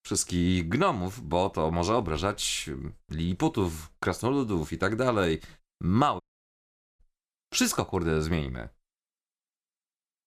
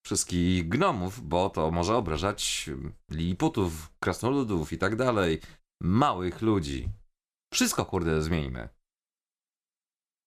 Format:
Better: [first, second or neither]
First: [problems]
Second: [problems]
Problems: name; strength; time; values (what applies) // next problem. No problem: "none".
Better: second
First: audio cutting out; at 6 s for 1 s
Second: none